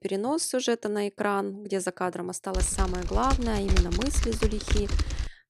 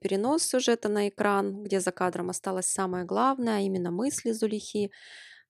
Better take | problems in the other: second | keyboard typing; loud; from 2.5 s on; peak 3 dB above the speech

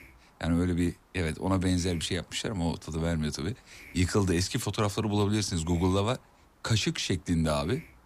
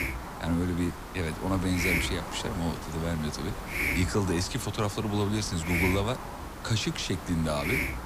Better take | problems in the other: first | hiss; loud; throughout; 3 dB below the speech; faint in the first

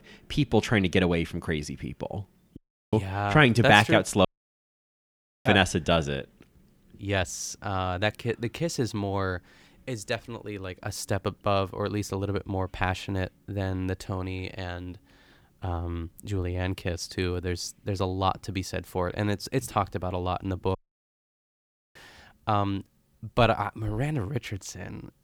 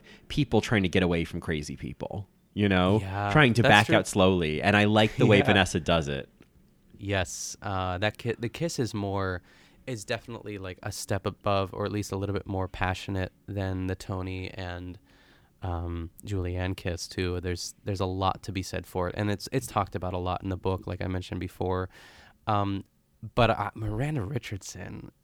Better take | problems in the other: second | audio cutting out; at 2.5 s, at 4.5 s for 1 s and at 21 s for 1 s

